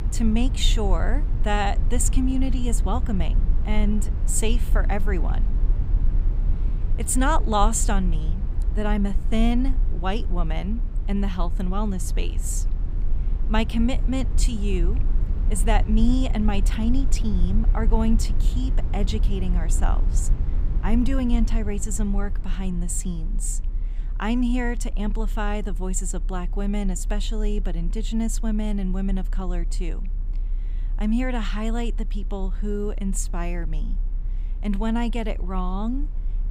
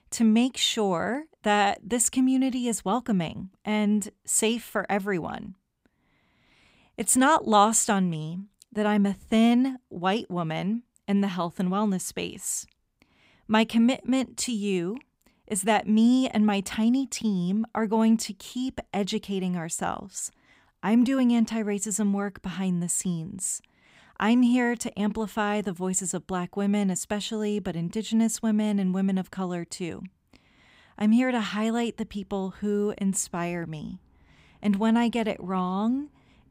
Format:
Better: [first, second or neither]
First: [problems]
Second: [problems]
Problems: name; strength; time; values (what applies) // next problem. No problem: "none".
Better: second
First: low rumble; noticeable; throughout; 15 dB below the speech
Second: none